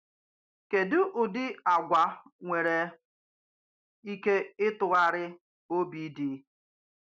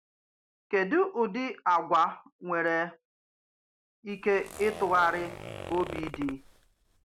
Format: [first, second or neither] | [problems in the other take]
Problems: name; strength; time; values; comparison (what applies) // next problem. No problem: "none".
first | background sound (Zipper (clothing)); 12 dB below the speech